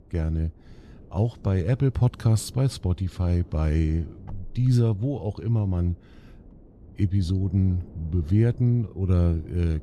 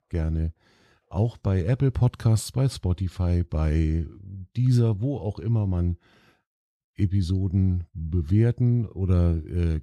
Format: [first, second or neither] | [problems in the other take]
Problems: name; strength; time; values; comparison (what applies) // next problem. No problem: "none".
second | wind noise on the microphone; occasional gusts; 20 dB below the speech